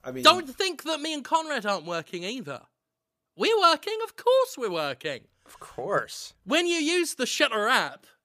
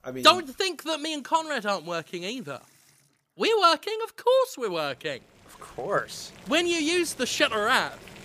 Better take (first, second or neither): first